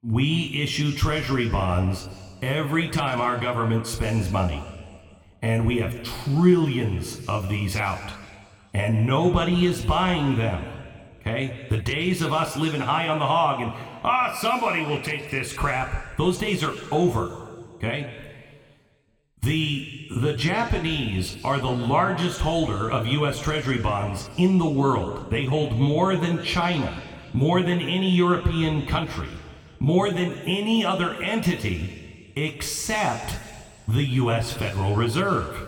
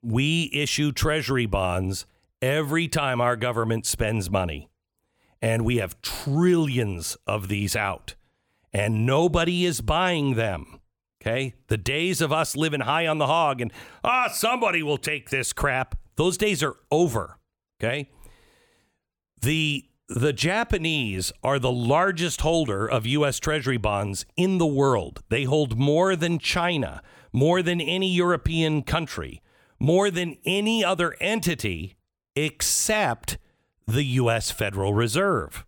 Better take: second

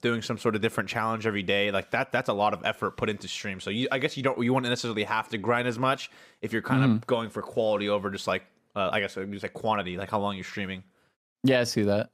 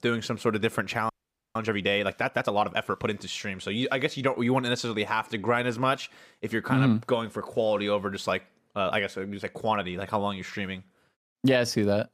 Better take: first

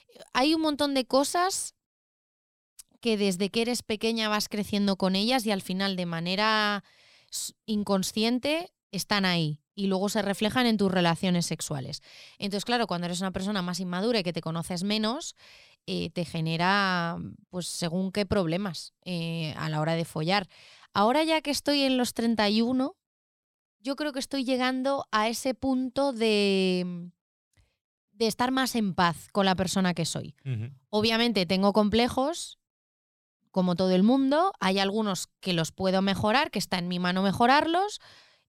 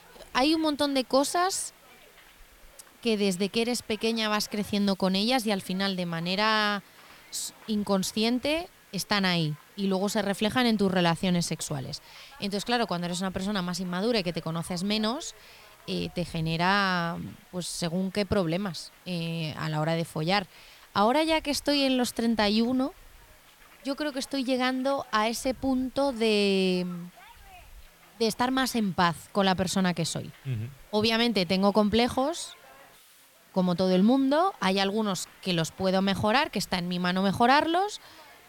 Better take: first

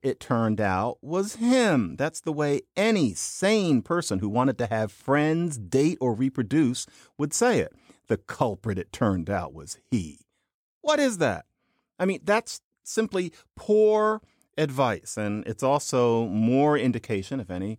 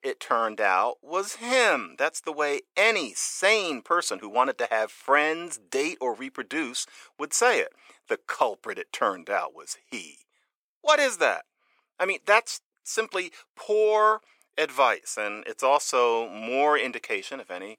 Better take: first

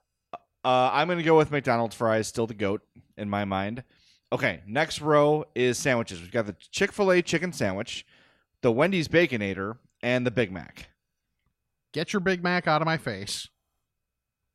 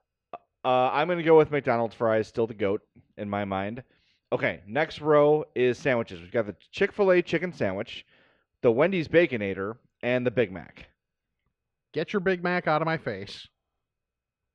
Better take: first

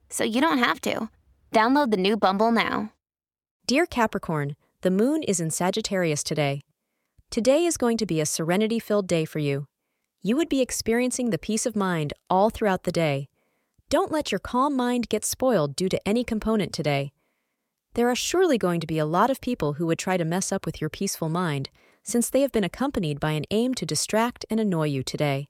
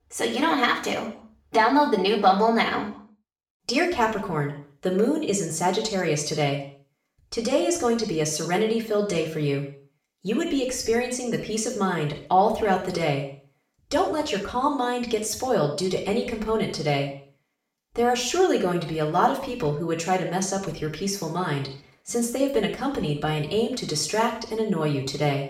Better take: first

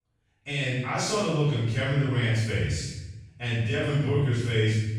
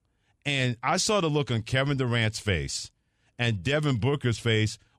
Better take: second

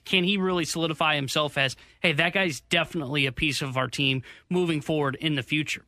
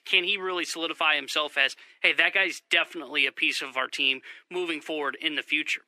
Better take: first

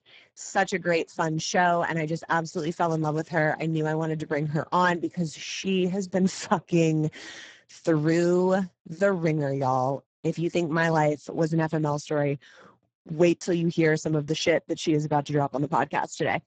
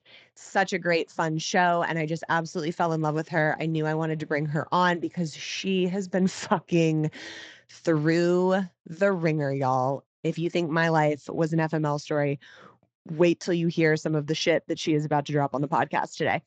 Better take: second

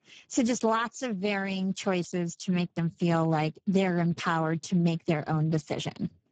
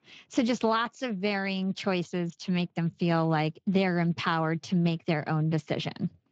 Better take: second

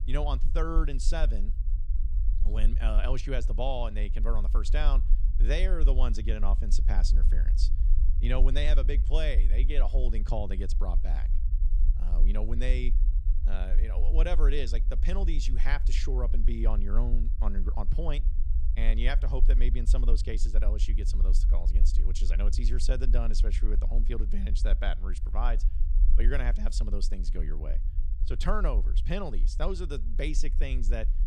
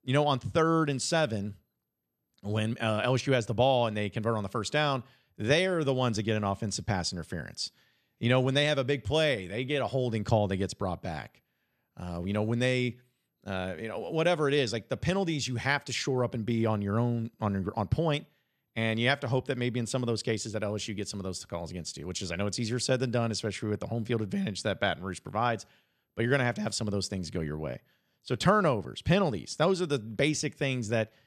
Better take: second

